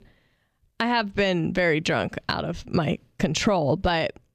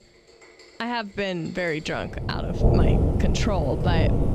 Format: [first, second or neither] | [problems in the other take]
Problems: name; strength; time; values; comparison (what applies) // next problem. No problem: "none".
first | rain or running water; very loud; throughout; 5 dB above the speech